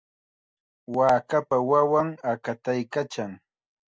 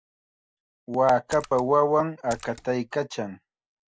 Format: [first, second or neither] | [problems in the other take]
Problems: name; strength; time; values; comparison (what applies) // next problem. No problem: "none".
first | background sound (Splash, splatter); 20 dB below the speech